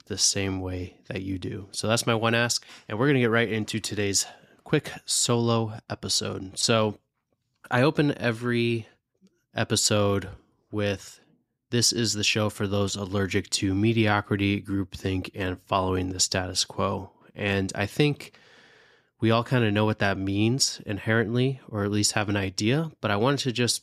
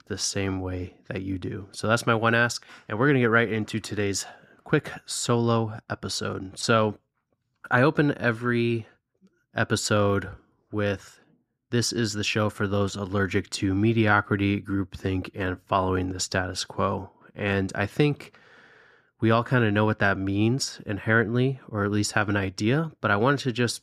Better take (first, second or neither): first